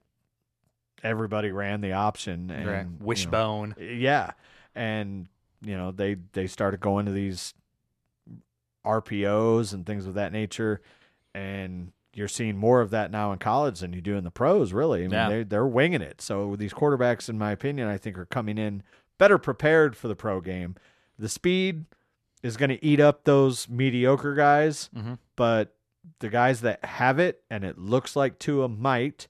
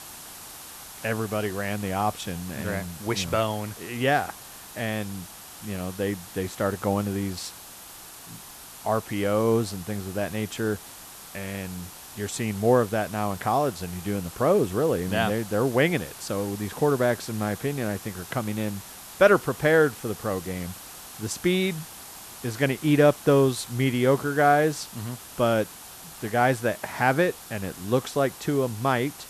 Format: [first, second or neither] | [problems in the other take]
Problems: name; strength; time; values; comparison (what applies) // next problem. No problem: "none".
first | hiss; noticeable; throughout; 15 dB below the speech